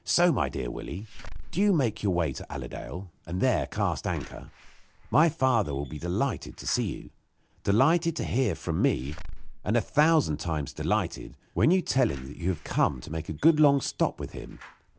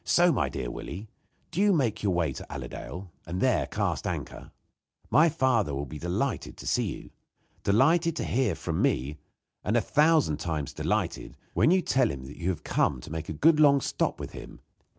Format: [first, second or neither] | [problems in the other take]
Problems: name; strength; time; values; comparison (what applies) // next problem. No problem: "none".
second | background sound (Slam / Alarm); 16 dB below the speech